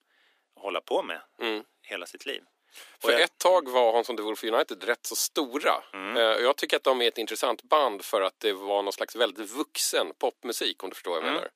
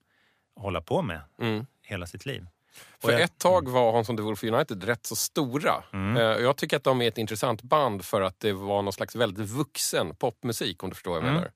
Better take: second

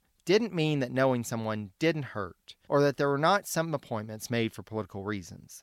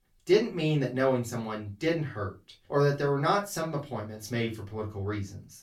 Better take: first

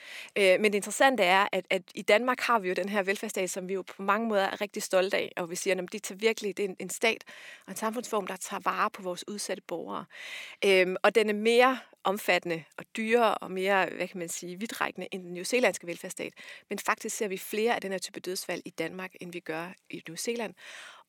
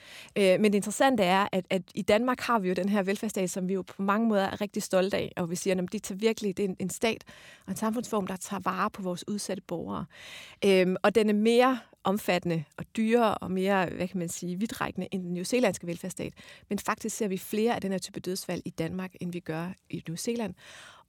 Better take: second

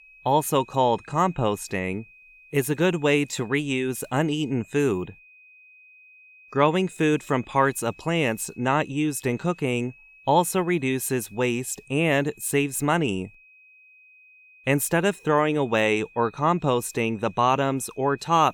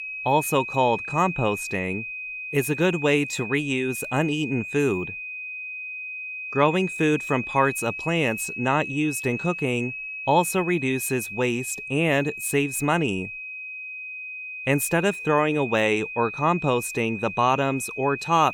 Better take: first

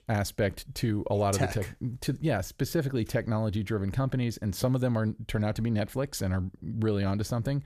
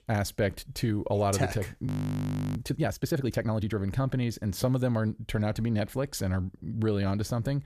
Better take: first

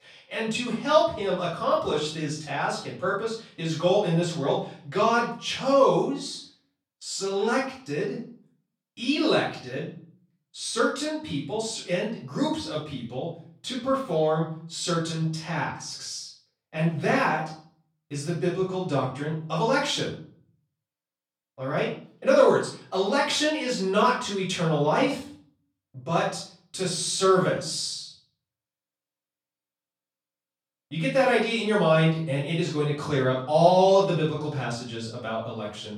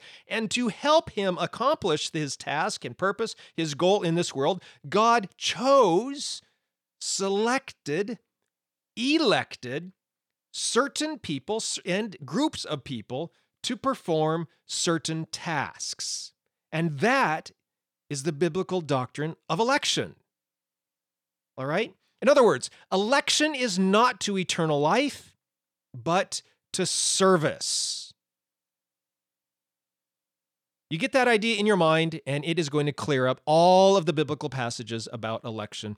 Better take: second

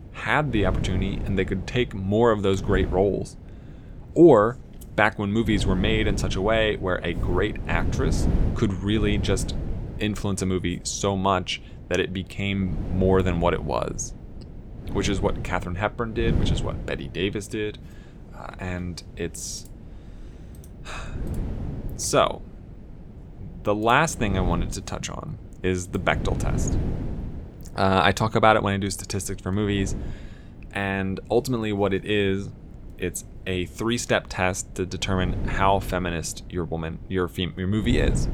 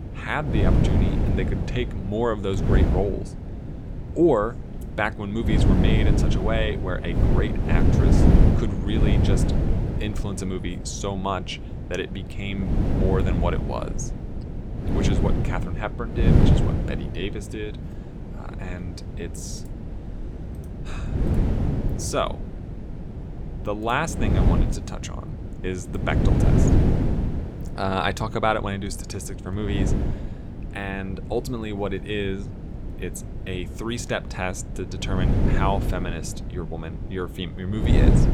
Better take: first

